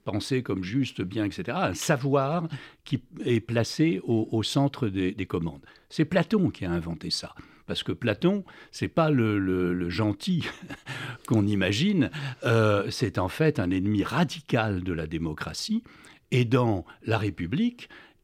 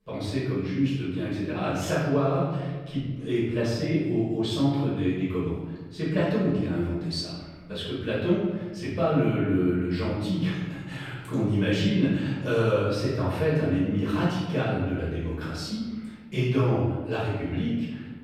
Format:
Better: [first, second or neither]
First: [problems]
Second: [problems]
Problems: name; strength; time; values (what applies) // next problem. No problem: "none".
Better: first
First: none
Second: off-mic speech; far // room echo; noticeable; dies away in 1.3 s